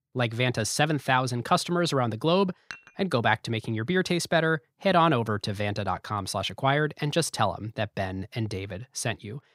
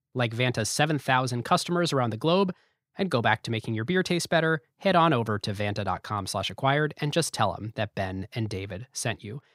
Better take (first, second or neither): second